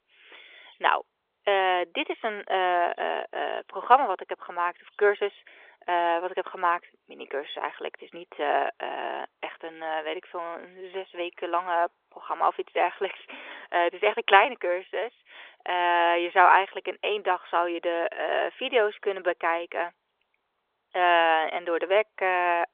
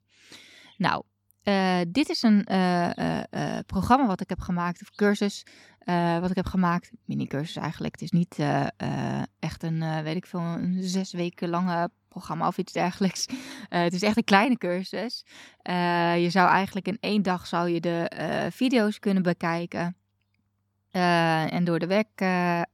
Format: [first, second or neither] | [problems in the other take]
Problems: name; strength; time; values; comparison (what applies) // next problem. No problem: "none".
second | phone-call audio; nothing above 3.5 kHz